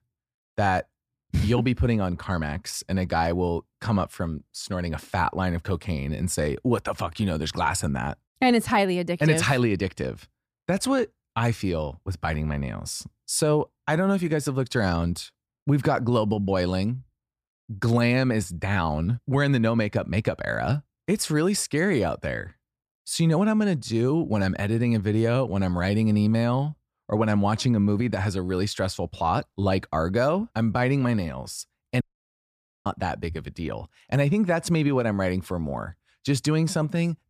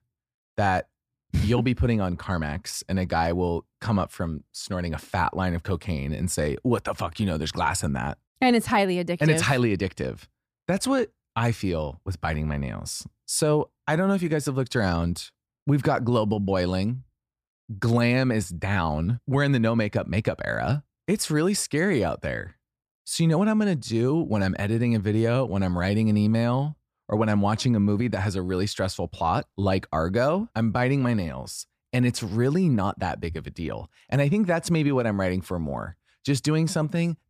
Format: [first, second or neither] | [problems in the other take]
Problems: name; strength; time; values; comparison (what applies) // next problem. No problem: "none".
second | audio cutting out; at 32 s for 1 s